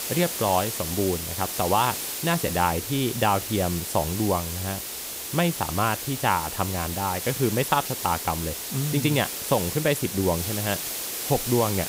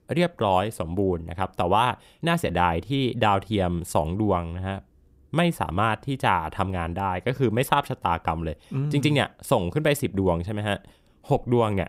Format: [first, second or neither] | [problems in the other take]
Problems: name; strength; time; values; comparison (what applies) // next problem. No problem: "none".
second | hiss; loud; throughout; 4 dB below the speech